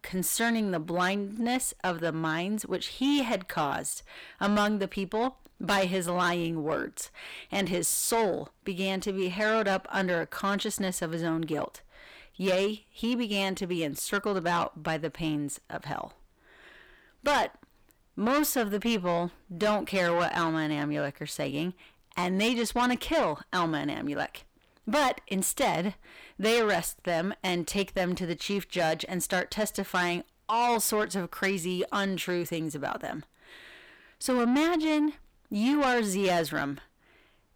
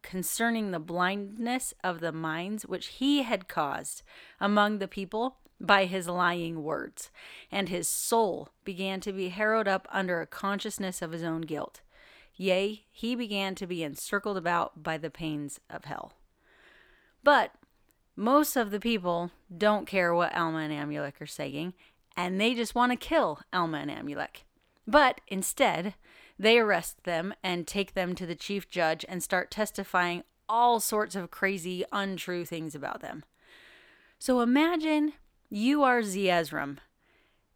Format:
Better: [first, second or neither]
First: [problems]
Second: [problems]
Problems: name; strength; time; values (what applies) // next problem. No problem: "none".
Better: second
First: distortion; heavy; 8 dB below the speech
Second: none